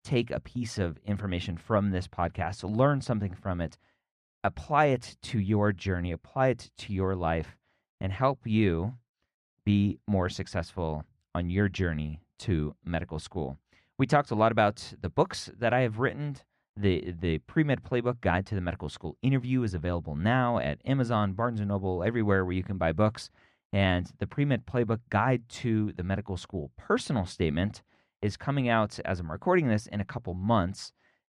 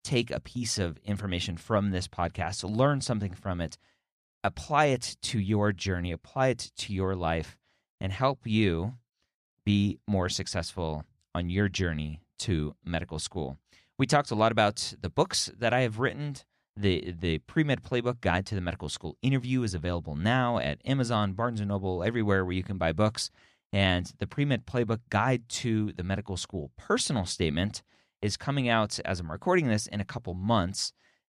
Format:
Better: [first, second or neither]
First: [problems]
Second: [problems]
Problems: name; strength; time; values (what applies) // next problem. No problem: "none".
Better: second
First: muffled; slightly; fading above 3 kHz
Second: none